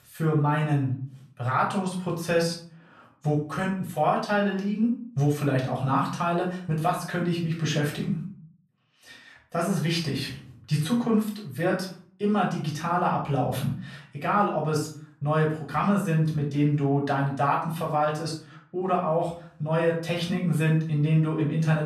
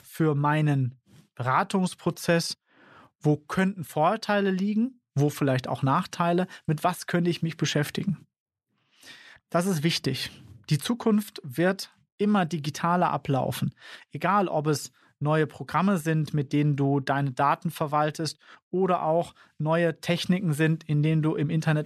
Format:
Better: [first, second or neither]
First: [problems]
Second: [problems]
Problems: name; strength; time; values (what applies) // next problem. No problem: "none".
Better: second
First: off-mic speech; far // room echo; slight; dies away in 0.4 s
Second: none